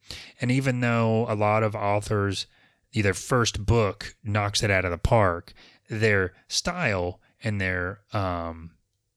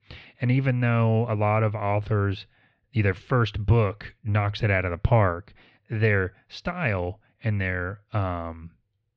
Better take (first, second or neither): first